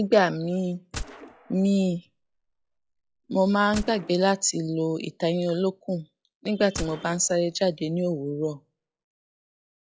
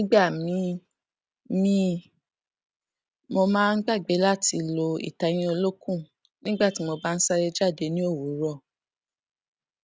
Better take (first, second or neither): second